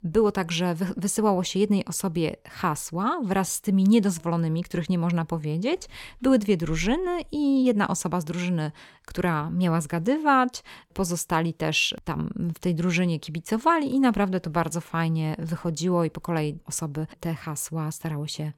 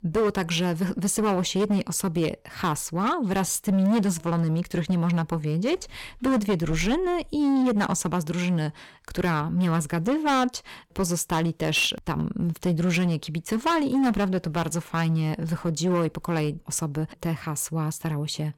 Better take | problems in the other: first | distortion; slight; 11% of the sound clipped

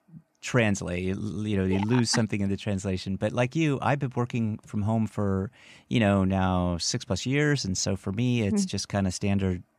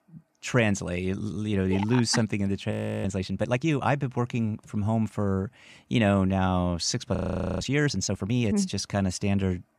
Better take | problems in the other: first | audio freezing; at 2.5 s and at 7 s

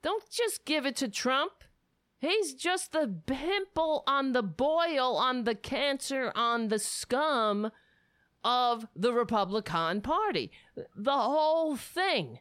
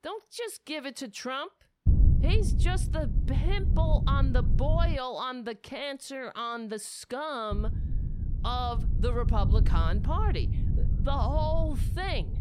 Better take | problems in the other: first | wind noise on the microphone; occasional gusts; from 2 to 5 s and from 7.5 s on; 10 dB below the speech

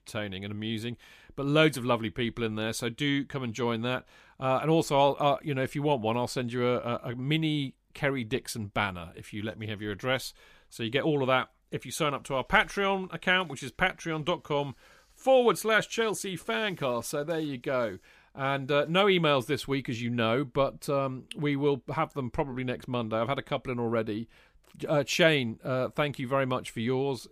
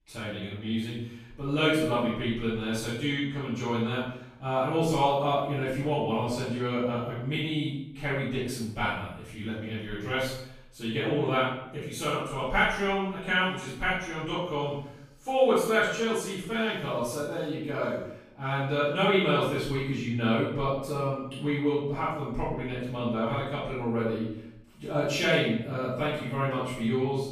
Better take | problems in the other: first | off-mic speech; far // room echo; strong; dies away in 0.7 s

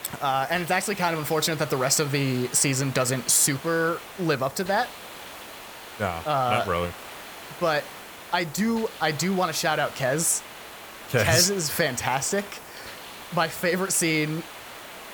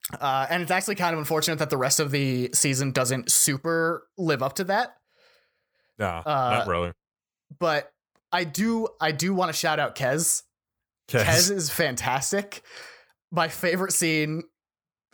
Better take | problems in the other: second | hiss; noticeable; throughout; 15 dB below the speech

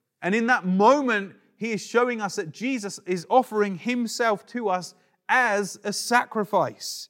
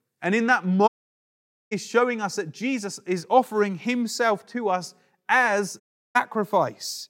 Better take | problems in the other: first | audio cutting out; at 1 s for 1 s and at 6 s

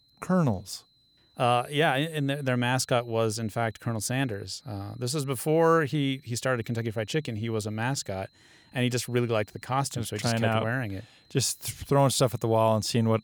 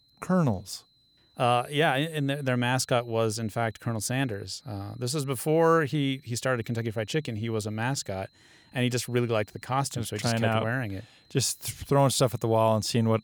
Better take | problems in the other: neither | high-pitched whine; faint; throughout; 4 kHz, 35 dB below the speech; the same in both

